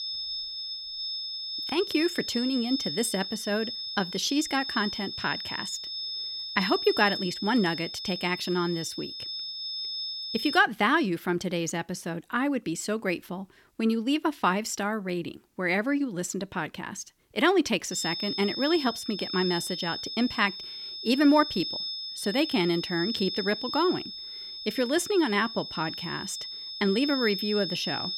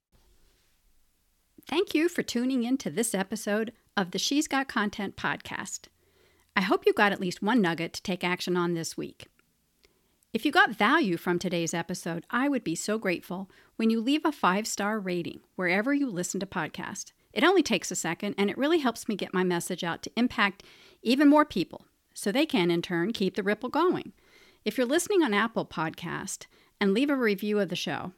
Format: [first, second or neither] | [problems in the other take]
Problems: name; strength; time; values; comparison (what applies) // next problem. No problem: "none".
second | high-pitched whine; loud; until 11 s and from 18 s on; 5 kHz, 5 dB below the speech